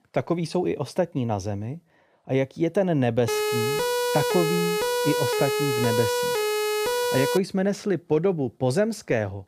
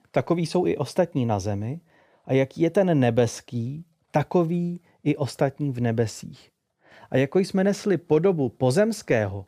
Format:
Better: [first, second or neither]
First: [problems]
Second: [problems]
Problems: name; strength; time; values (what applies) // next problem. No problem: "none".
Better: second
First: siren; loud; from 3.5 to 7.5 s; peak 2 dB above the speech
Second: none